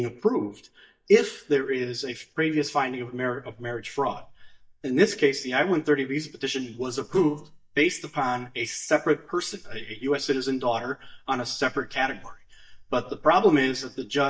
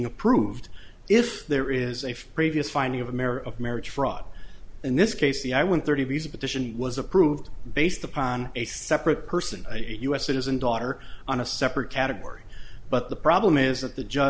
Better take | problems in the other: second | noise reduction (neural mask model DeepFilterNet 3)

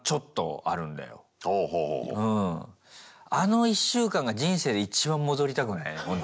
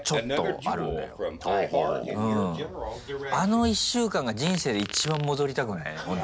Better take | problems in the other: first | background sound (Fart); 6 dB below the speech

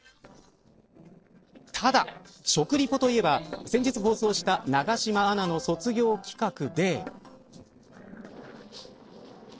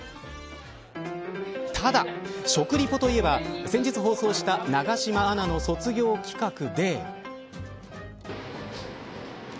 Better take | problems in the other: second | noise reduction (neural separator model SepFormer DNS4)

